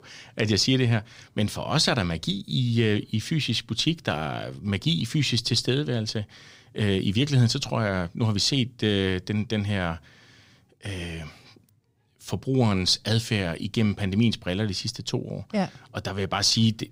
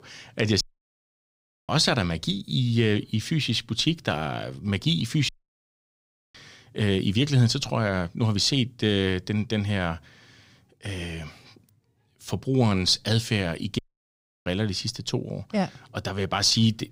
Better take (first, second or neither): first